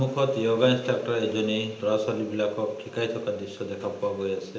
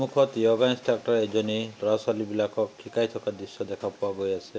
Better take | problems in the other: second | room echo; dies away in 0.9 s

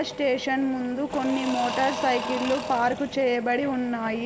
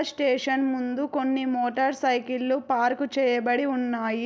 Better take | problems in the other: second | background sound (Engine / Drill / Mechanisms); 9 dB below the speech

